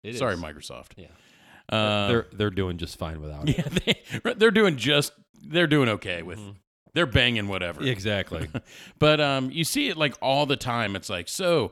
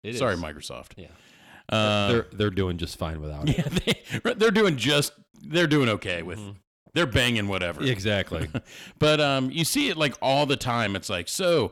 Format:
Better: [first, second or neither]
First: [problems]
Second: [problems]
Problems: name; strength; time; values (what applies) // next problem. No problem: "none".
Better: first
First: none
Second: distortion; slight; 10 dB below the speech